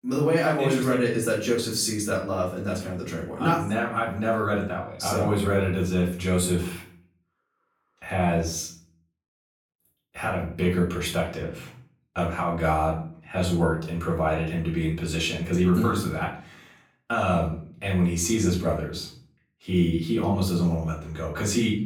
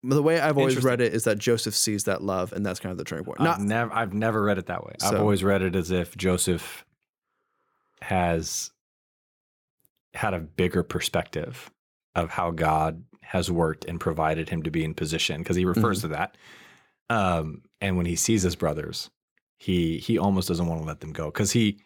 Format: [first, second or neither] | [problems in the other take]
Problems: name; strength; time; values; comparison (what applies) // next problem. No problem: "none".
second | off-mic speech; far // room echo; noticeable; dies away in 0.4 s